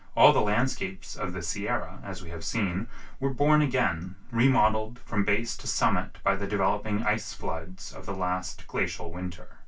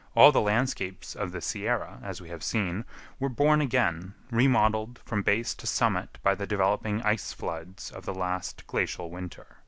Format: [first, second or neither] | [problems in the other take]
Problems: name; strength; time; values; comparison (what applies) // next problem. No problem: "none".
second | room echo; dies away in 0.1 s